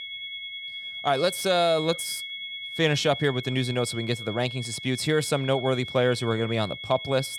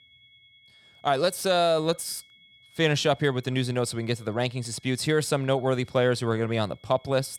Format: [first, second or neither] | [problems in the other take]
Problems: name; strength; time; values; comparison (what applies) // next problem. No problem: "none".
second | high-pitched whine; loud; throughout; 3.5 kHz, 9 dB below the speech; faint in the second